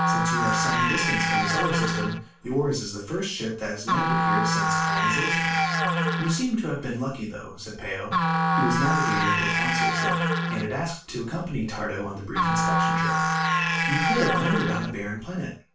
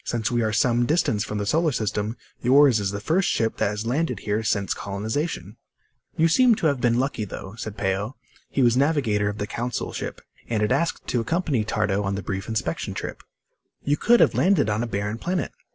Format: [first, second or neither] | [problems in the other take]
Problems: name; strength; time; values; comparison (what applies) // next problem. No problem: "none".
second | background sound (Musical instrument); 4 dB above the speech // room echo; dies away in 0.3 s